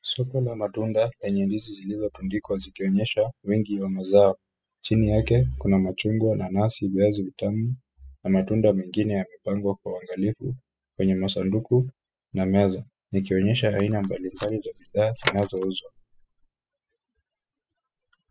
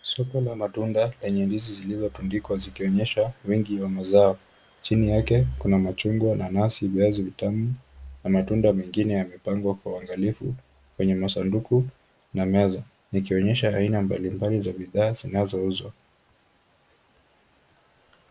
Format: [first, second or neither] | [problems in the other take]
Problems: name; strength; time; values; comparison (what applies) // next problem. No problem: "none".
second | noise reduction (classical method spectral subtraction)